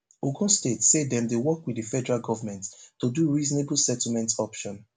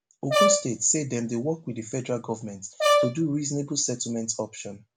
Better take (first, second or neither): first